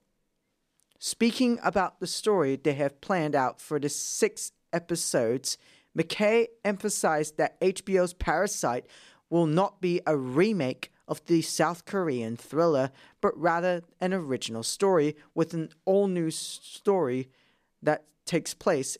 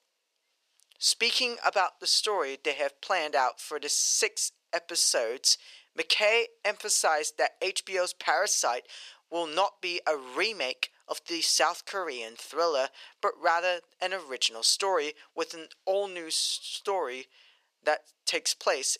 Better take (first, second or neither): first